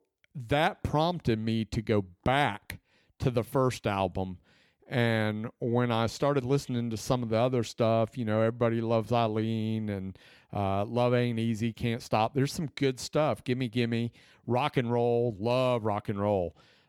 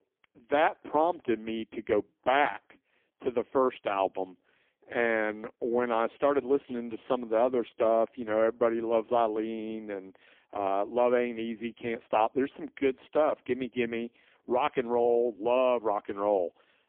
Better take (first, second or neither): first